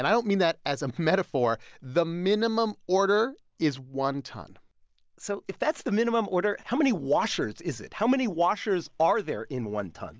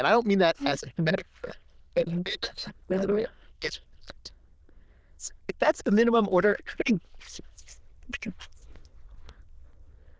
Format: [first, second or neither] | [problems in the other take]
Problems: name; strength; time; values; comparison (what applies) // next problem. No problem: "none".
first | noise reduction (neural diffusion model UNIVERSE++)